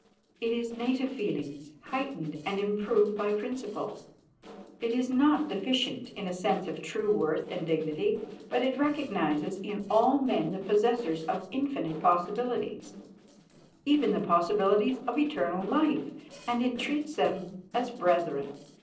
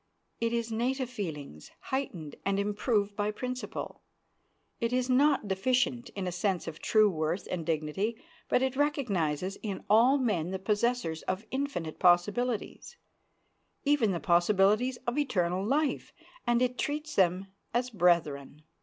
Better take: second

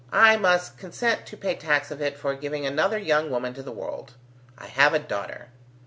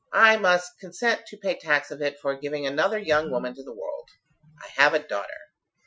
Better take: first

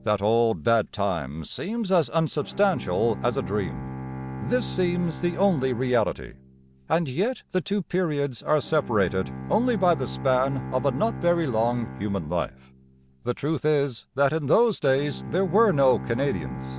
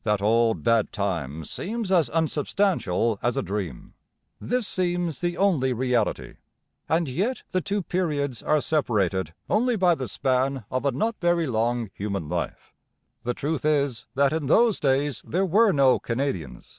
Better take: second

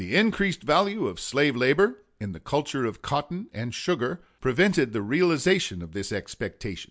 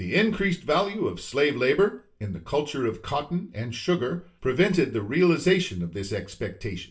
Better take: first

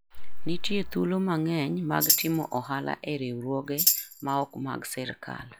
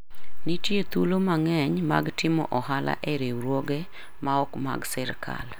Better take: second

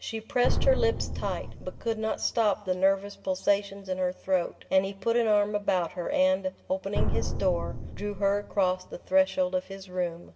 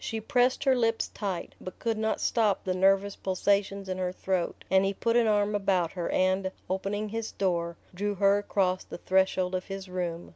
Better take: second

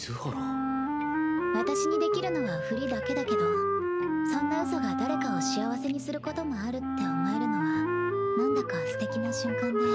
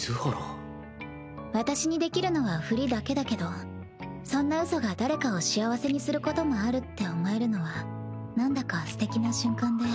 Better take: second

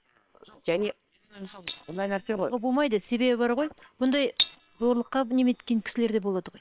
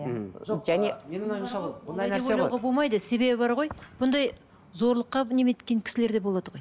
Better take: second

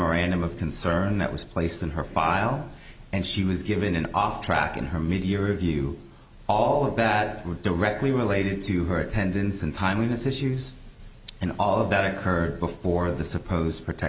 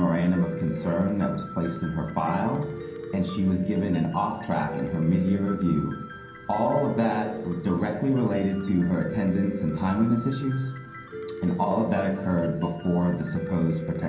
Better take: first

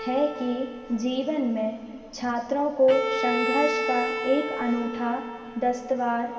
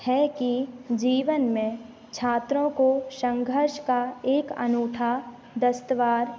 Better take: second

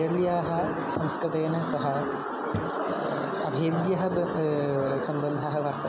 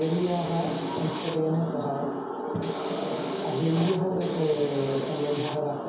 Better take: first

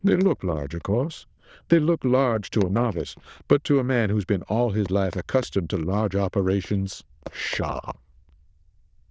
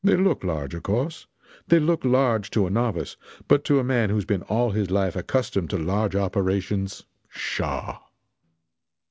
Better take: second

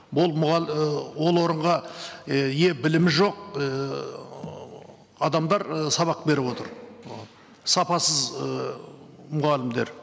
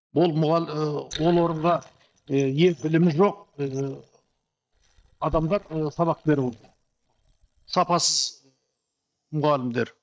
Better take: first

